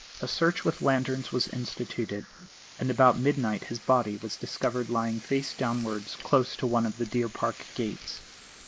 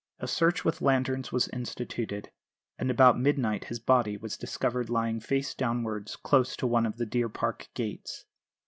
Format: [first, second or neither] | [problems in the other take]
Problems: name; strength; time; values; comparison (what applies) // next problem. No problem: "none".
second | noise reduction (neural mask model Resemble Enhance denoiser)